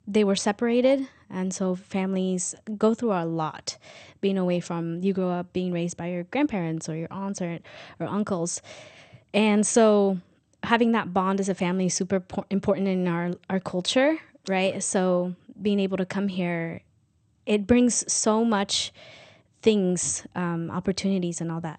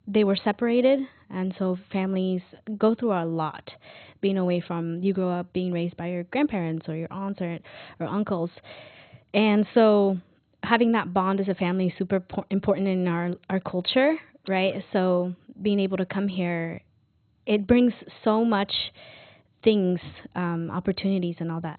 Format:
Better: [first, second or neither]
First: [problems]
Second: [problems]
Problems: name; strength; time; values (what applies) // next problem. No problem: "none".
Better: first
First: garbled, watery; slightly; nothing above 8.5 kHz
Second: garbled, watery; badly; nothing above 4 kHz